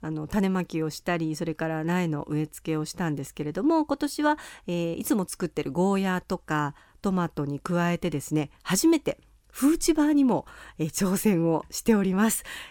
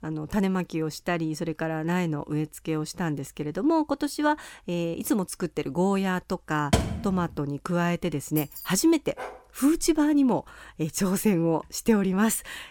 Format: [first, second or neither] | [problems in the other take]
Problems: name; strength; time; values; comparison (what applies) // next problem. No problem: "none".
first | door banging; loud; at 6.5 s; peak level with the speech // jangling keys; noticeable; at 8.5 s; peak 9 dB below the speech // dog barking; faint; at 9 s; peak 15 dB below the speech